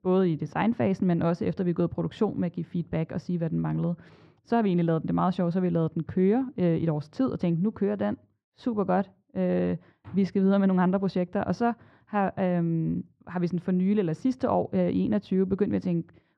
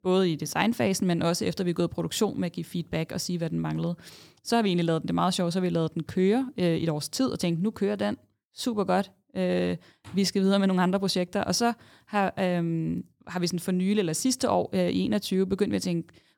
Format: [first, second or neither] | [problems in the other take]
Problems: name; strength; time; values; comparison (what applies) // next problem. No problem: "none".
second | muffled; very; fading above 1.5 kHz